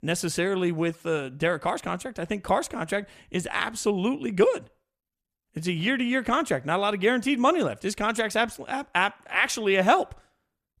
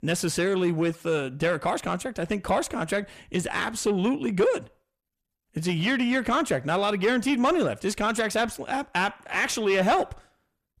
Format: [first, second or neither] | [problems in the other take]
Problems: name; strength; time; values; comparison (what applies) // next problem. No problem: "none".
first | distortion; slight; 10 dB below the speech